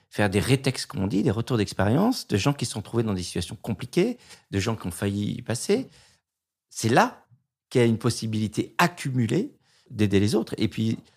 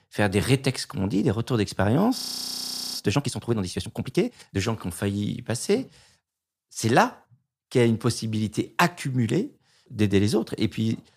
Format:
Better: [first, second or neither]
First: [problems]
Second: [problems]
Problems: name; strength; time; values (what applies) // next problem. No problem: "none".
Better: first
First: none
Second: audio freezing; at 2 s for 1 s